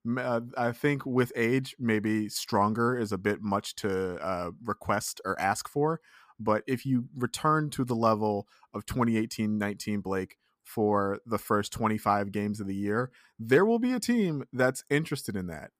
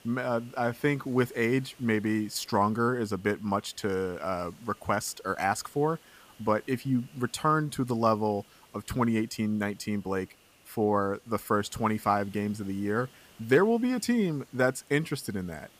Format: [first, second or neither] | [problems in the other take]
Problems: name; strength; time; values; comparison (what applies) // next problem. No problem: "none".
first | hiss; faint; throughout; 25 dB below the speech